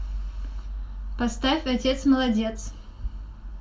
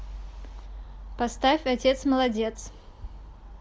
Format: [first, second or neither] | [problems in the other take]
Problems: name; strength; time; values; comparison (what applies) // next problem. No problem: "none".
second | room echo; dies away in 0.2 s